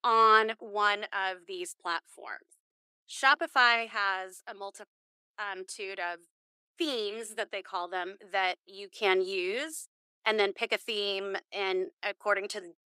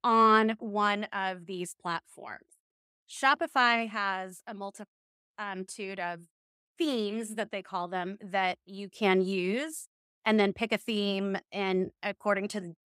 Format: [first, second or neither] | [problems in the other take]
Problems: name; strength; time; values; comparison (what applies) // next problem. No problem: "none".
second | thin; very; fading below 350 Hz